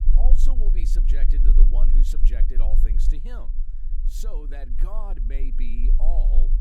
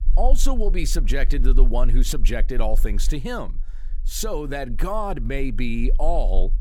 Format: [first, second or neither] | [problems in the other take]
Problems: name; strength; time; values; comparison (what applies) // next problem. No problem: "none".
second | low rumble; loud; throughout; 7 dB below the speech; faint in the second